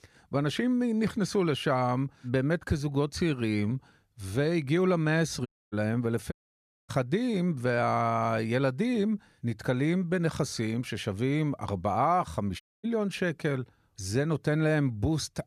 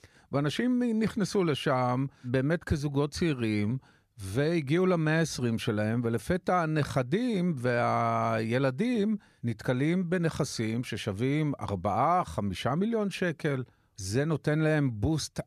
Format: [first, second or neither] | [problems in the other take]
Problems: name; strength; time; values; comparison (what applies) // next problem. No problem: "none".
second | audio cutting out; at 5.5 s, at 6.5 s for 0.5 s and at 13 s